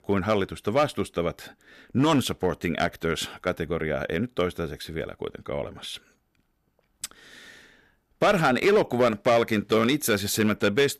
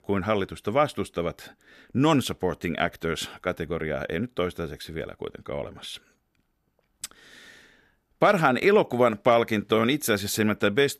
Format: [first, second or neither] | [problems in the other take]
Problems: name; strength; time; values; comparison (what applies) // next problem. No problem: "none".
second | distortion; slight; 3% of the sound clipped